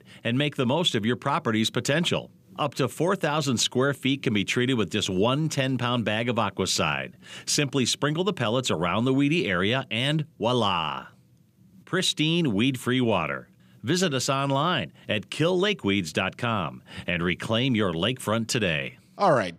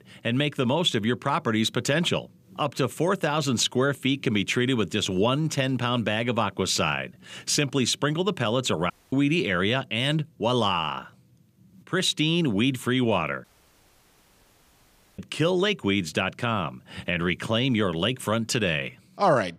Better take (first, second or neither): first